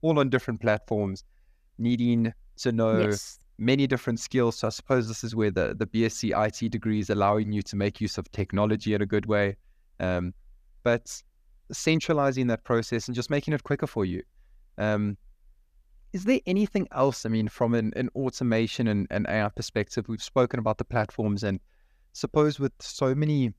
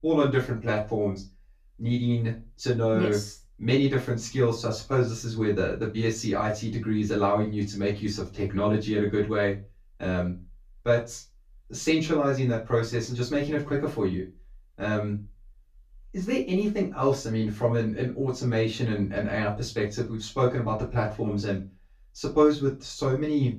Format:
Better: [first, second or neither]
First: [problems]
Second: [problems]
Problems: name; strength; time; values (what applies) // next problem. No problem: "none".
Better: first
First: none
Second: off-mic speech; far // room echo; slight; dies away in 0.2 s